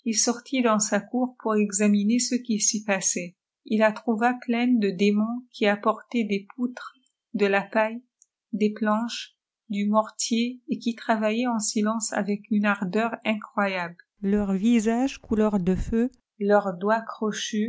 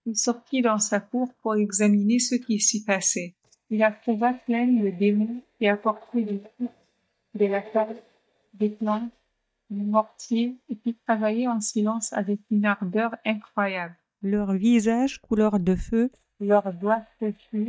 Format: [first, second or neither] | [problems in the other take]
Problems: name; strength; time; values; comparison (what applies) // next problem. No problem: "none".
first | noise reduction (neural mask model DeepFilterNet 3)